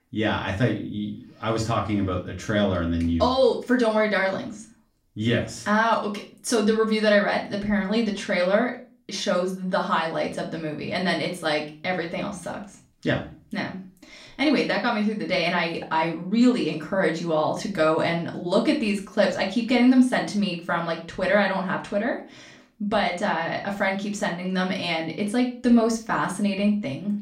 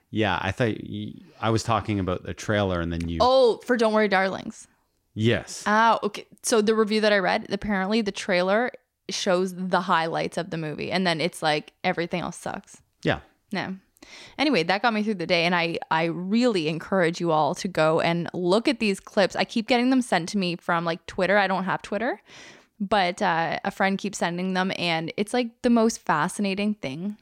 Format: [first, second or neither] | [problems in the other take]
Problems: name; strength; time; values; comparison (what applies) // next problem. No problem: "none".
second | off-mic speech; far // room echo; slight; dies away in 0.3 s